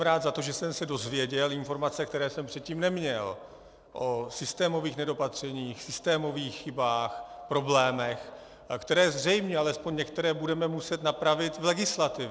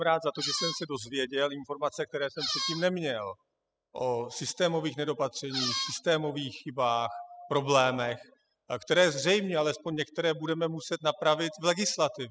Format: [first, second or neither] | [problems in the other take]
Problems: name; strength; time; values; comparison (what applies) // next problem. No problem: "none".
first | noise reduction (classical method spectral subtraction)